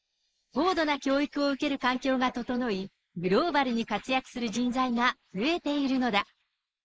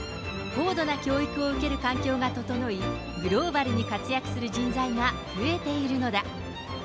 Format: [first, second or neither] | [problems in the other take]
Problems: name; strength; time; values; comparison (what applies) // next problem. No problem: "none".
second | noise reduction (neural mask model Resemble Enhance denoiser)